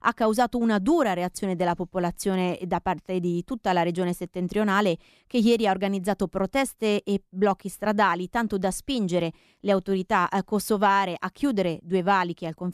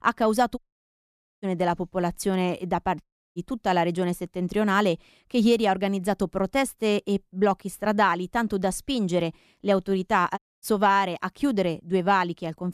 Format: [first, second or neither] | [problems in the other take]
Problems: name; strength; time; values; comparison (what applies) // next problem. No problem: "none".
first | audio cutting out; at 0.5 s for 1 s, at 3 s and at 10 s